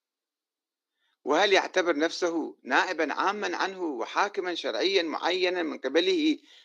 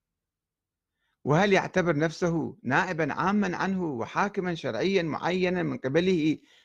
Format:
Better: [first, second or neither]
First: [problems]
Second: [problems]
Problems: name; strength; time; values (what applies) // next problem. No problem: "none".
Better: second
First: thin; somewhat; fading below 300 Hz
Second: none